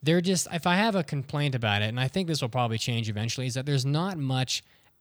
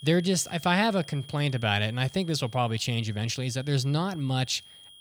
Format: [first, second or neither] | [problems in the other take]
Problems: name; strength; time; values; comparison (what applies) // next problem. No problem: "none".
first | high-pitched whine; faint; throughout; 3 kHz, 20 dB below the speech